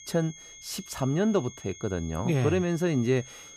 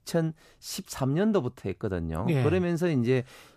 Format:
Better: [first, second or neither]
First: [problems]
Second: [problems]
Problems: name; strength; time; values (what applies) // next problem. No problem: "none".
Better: second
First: high-pitched whine; noticeable; throughout; 6.5 kHz, 15 dB below the speech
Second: none